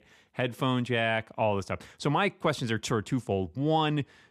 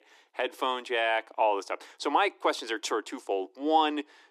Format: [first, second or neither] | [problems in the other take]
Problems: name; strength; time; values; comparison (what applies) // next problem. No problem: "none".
first | thin; somewhat; fading below 300 Hz